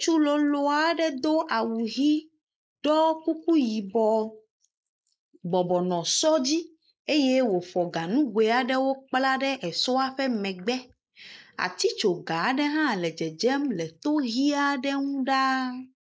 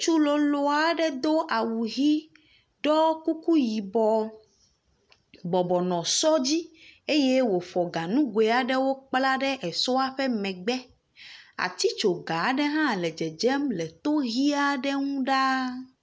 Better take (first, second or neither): second